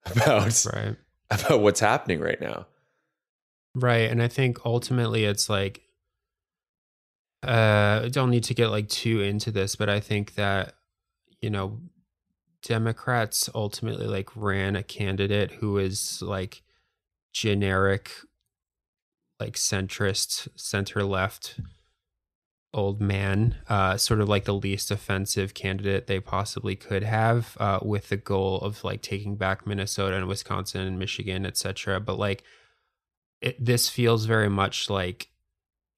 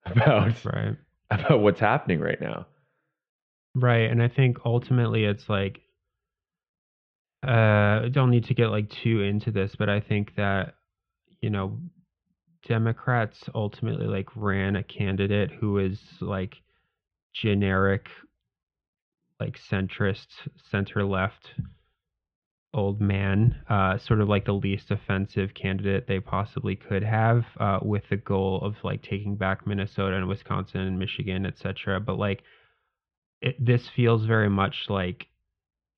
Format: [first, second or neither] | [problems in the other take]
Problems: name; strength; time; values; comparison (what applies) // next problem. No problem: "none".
first | muffled; very; fading above 3 kHz